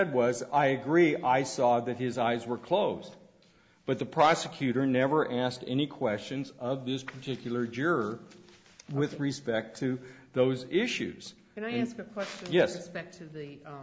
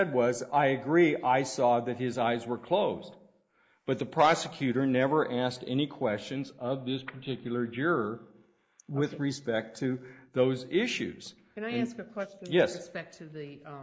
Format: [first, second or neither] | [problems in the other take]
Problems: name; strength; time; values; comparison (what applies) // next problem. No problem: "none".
first | noise reduction (neural mask model Resemble Enhance denoiser)